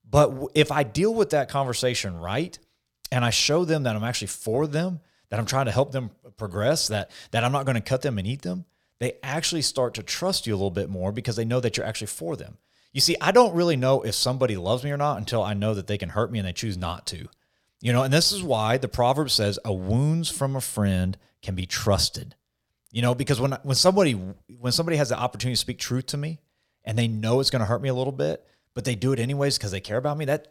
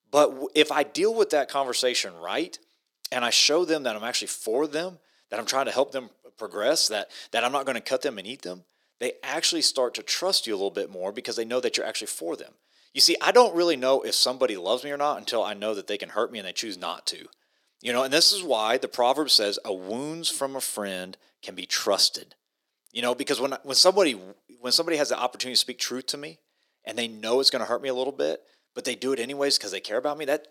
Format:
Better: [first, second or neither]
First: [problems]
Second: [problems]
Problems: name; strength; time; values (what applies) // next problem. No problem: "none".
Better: first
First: none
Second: thin; somewhat; fading below 300 Hz